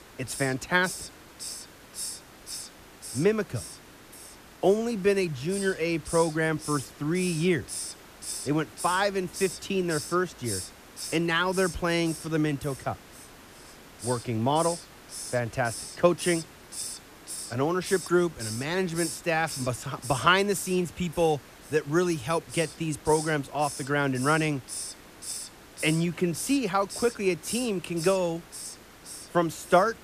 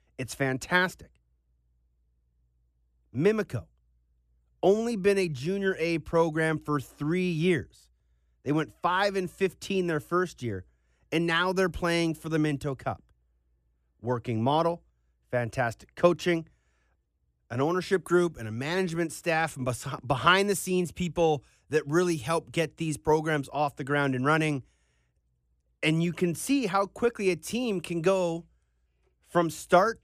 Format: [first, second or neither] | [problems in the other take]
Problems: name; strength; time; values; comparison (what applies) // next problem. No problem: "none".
second | hiss; noticeable; throughout; 10 dB below the speech